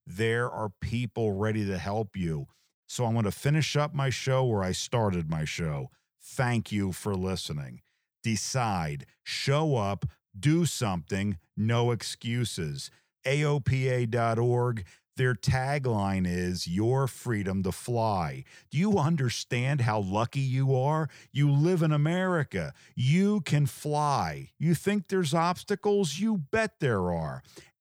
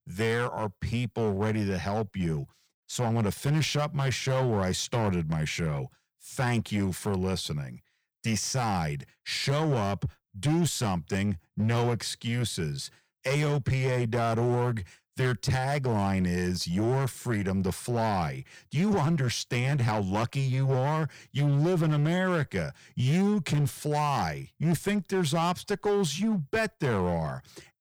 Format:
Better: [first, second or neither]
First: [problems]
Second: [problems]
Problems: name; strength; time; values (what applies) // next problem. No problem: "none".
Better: first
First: none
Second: distortion; slight; 14% of the sound clipped